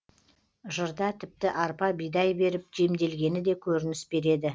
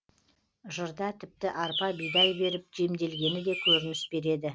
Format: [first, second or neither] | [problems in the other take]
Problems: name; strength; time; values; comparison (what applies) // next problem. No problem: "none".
first | background sound (Bird); 1 dB above the speech